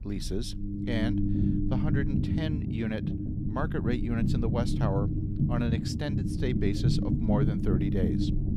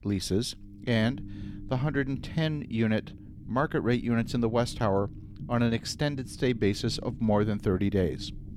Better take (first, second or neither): second